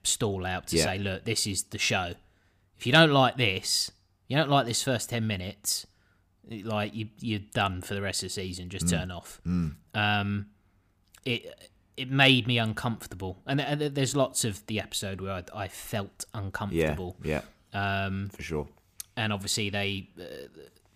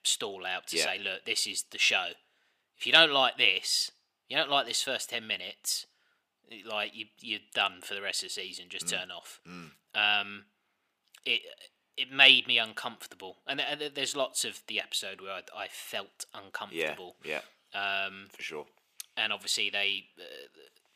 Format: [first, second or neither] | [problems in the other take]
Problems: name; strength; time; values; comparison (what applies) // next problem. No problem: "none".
first | thin; somewhat; fading below 450 Hz